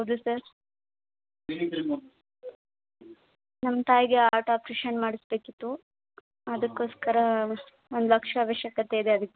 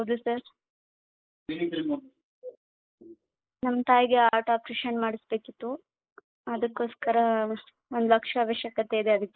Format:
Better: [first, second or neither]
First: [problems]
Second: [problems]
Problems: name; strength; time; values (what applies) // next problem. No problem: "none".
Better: first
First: none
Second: noise reduction (neural mask model Resemble Enhance denoiser)